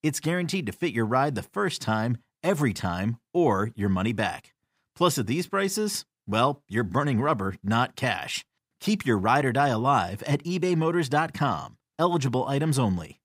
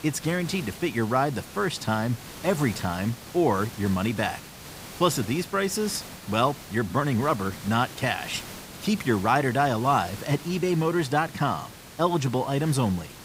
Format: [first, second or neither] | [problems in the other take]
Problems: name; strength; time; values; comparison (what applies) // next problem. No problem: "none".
first | hiss; noticeable; throughout; 15 dB below the speech